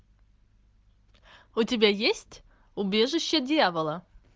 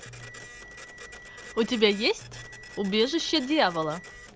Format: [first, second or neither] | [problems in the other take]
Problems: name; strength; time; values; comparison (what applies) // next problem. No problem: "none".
first | background sound (Bell + Printer); 16 dB below the speech